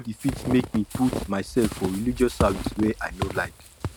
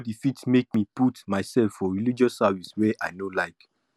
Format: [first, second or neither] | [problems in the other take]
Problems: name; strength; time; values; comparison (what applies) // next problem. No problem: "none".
second | background sound (Squeak / Walk, footsteps); 6 dB below the speech